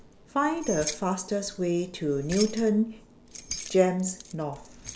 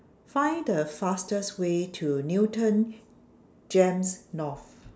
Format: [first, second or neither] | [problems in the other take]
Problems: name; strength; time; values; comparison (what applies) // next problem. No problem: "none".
second | background sound (Keys jangling); 13 dB below the speech